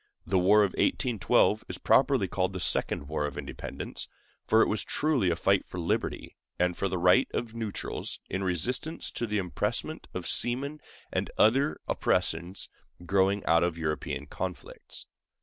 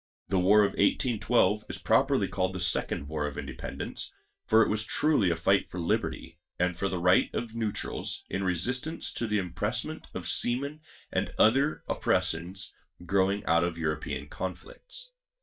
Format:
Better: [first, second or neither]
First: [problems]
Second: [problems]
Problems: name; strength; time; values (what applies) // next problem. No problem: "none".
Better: first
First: none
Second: noise reduction (neural mask model DeepFilterNet 3)